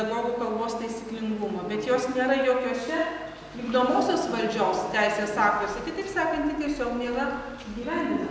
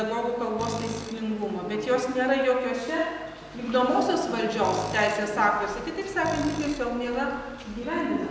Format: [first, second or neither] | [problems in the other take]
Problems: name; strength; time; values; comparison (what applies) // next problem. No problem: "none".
first | background sound (Tools); 13 dB below the speech